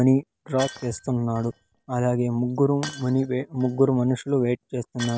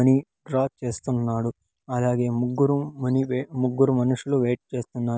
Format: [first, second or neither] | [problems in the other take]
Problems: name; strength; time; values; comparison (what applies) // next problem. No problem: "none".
second | background sound (Shatter); 19 dB below the speech